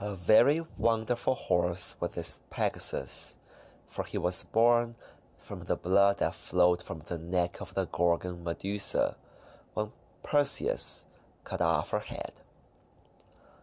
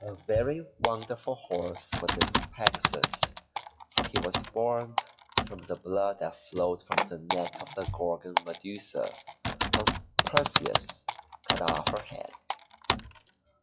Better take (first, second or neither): first